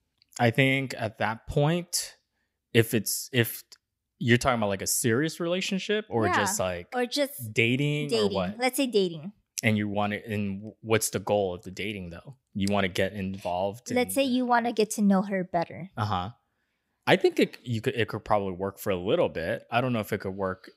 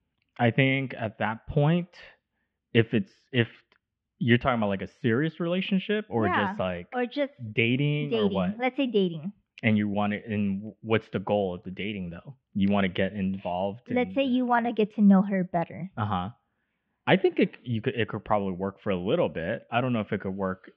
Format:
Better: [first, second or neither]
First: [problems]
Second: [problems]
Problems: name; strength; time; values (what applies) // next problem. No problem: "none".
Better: first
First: none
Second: muffled; very; fading above 3 kHz